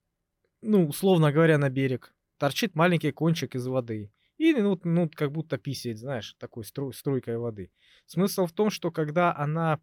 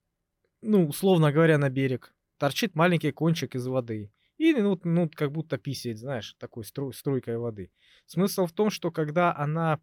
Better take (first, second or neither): neither